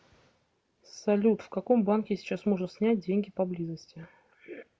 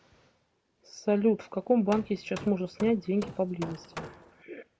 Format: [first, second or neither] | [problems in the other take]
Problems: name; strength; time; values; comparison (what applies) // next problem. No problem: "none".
first | background sound (Hammer); 14 dB below the speech